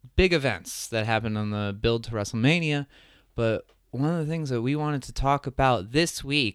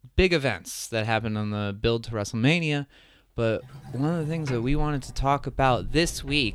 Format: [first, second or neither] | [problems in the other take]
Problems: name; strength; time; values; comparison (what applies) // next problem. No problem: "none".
first | household noises; noticeable; from 3.5 s on; 15 dB below the speech